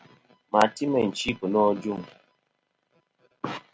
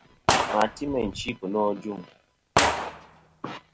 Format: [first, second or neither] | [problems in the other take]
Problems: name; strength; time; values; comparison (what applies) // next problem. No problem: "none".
first | background sound (Gunshot, gunfire); 1 dB above the speech